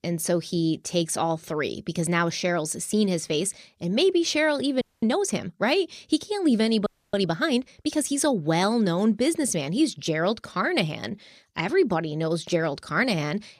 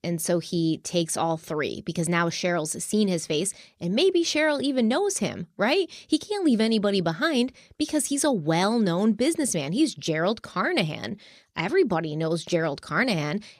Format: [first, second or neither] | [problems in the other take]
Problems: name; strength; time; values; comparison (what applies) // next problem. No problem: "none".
second | audio freezing; at 5 s and at 7 s